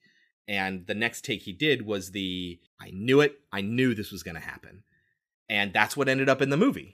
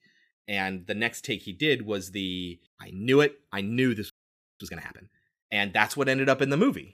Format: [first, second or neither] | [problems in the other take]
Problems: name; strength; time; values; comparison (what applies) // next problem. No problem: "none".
first | audio freezing; at 4 s for 0.5 s